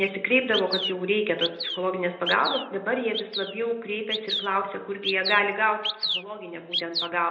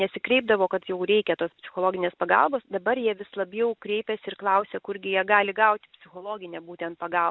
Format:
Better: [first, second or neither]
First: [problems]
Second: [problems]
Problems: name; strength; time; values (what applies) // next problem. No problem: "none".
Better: second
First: background sound (Bird vocalization, bird call, bird song); 6 dB below the speech // room echo; dies away in 0.7 s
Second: none